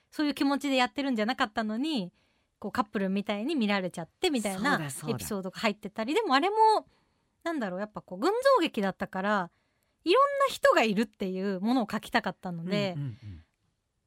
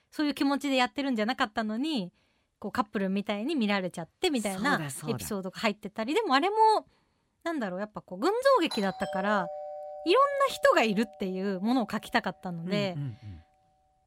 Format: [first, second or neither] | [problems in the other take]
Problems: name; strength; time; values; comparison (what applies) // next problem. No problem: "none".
first | doorbell; noticeable; from 8.5 to 12 s; peak 8 dB below the speech